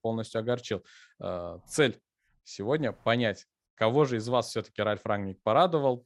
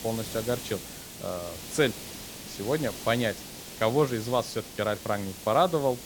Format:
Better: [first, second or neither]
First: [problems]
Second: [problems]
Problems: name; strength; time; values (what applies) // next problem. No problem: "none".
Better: first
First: none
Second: hiss; noticeable; throughout; 10 dB below the speech